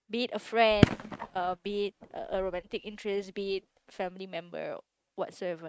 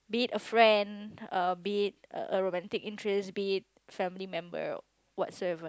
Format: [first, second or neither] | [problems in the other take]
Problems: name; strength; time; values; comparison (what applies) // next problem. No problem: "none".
second | noise reduction (neural mask model RNNoise)